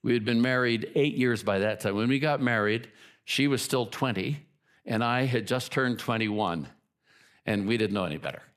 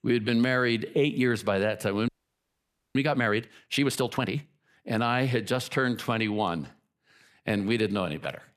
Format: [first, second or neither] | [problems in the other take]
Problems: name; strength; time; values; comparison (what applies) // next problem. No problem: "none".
first | audio freezing; at 2 s for 1 s